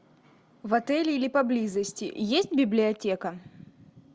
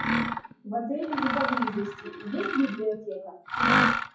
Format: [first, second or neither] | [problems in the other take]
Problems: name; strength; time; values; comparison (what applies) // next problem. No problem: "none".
first | noise reduction (classical method WPE with log-MMSE)